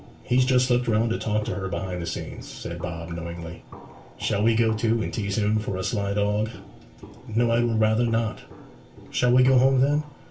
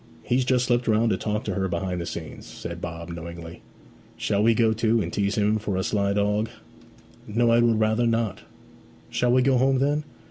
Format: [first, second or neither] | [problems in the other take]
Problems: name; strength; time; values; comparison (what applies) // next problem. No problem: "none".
second | background sound (Walk, footsteps); 19 dB below the speech // room echo; dies away in 0.2 s